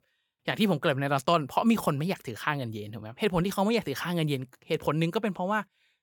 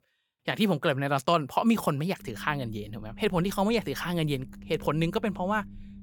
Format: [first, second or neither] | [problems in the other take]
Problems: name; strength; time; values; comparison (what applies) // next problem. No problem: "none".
first | low rumble; faint; from 2 s on; 25 dB below the speech